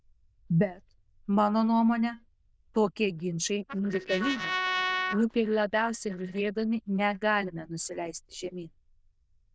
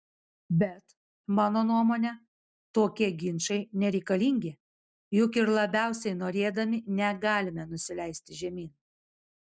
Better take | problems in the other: second | noise reduction (neural diffusion model UNIVERSE++)

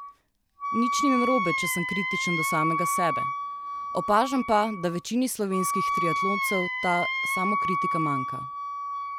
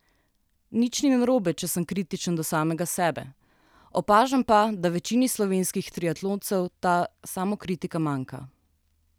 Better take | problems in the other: second | background sound (Wind instrument, woodwind instrument); as loud as the speech

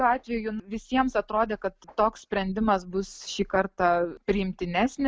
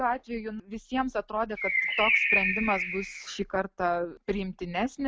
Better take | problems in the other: first | background sound (Bird); 3 dB above the speech

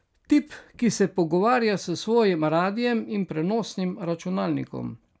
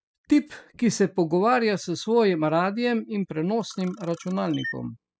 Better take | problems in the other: first | noise reduction (classical method spectral subtraction)

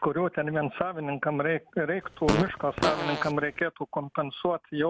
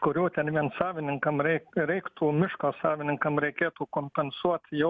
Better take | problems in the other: second | background sound (Fart); 2 dB below the speech

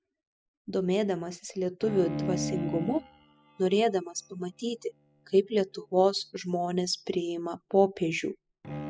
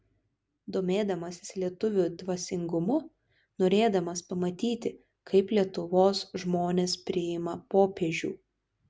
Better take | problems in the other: second | noise reduction (classical method spectral subtraction)

